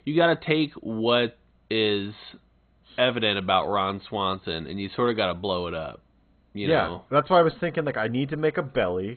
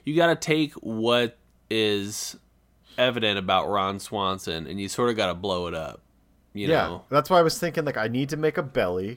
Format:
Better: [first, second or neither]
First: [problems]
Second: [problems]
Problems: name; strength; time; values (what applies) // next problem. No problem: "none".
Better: second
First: garbled, watery; badly; nothing above 4 kHz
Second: none